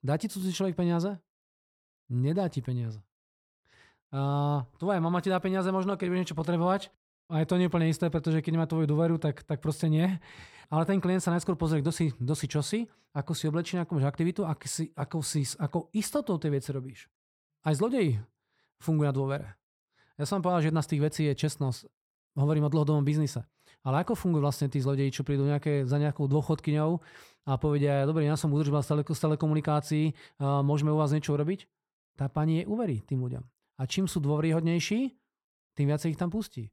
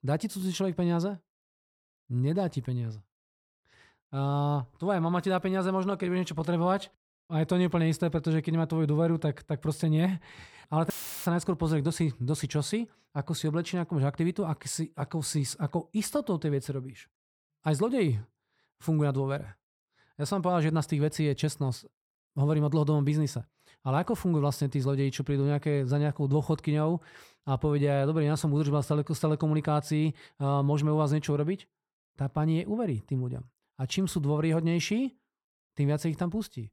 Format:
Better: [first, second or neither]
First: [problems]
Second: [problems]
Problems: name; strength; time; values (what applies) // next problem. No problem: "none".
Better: first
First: none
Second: audio cutting out; filled with static; at 11 s